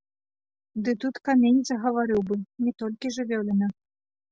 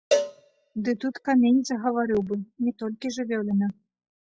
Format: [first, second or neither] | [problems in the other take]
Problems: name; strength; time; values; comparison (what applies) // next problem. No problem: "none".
first | noise reduction (classical method log-MMSE)